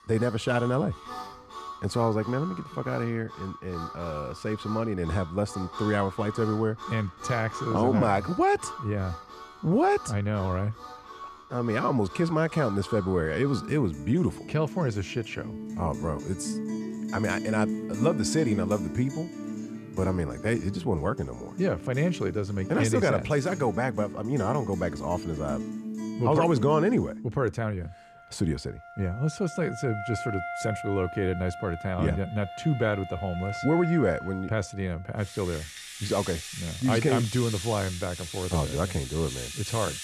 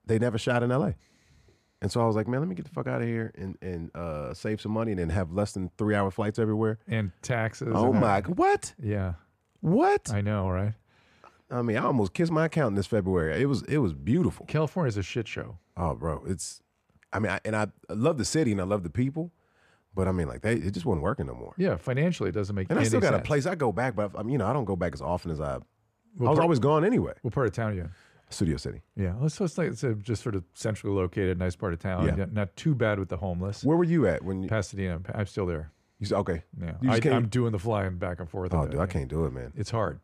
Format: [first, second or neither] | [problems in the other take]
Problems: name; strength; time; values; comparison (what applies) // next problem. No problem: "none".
second | background music; loud; throughout; 9 dB below the speech